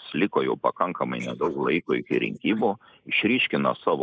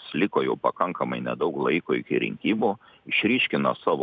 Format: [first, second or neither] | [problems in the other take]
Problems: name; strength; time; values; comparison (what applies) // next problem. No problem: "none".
second | noise reduction (neural mask model Resemble Enhance denoiser)